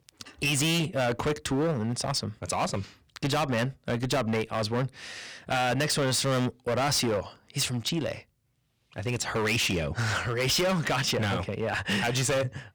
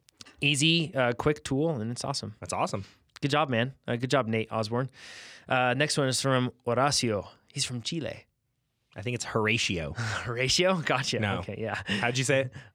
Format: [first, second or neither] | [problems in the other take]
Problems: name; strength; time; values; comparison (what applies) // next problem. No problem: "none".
second | distortion; heavy; 16% of the sound clipped